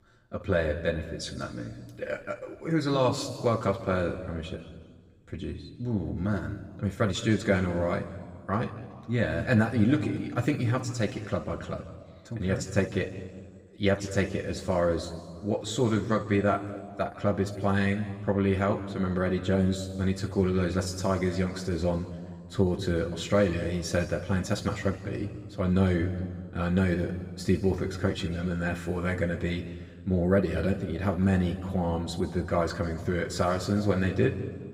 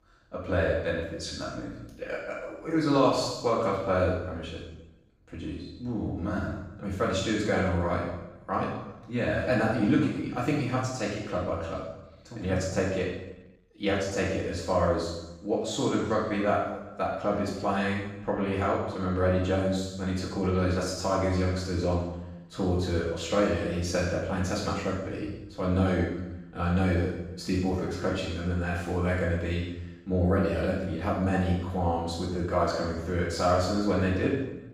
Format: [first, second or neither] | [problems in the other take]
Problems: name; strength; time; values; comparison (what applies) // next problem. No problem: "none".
first | room echo; strong; dies away in 0.9 s; slight in the first // off-mic speech; far; somewhat distant in the first